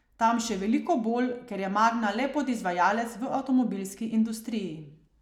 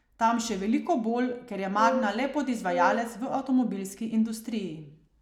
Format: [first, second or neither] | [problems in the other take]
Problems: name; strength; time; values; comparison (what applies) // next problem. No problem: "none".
first | background sound (Wind instrument, woodwind instrument); 4 dB below the speech